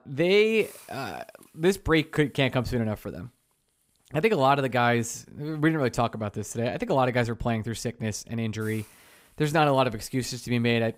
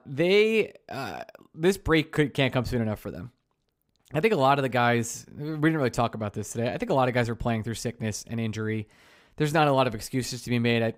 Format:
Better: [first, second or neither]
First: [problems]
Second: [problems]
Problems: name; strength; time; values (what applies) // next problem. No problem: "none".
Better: second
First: hiss; faint; throughout; 25 dB below the speech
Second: none